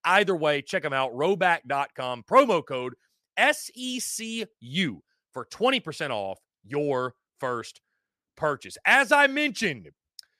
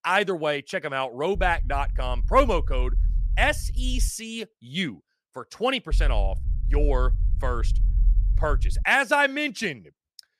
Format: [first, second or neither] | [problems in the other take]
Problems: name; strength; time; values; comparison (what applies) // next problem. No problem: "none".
first | low rumble; faint; from 1.5 to 4 s and from 6 to 9 s; 25 dB below the speech